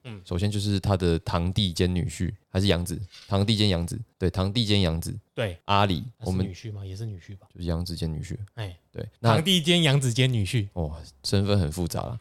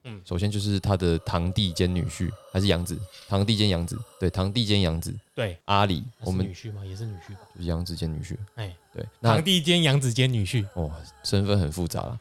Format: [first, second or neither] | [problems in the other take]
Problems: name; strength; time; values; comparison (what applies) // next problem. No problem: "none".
first | hiss; faint; throughout; 30 dB below the speech